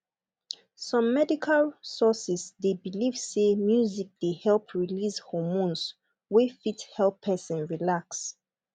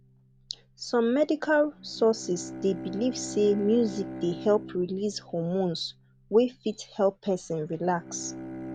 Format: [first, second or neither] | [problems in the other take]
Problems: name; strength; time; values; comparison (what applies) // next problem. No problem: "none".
first | background sound (Bowed string instrument); 14 dB below the speech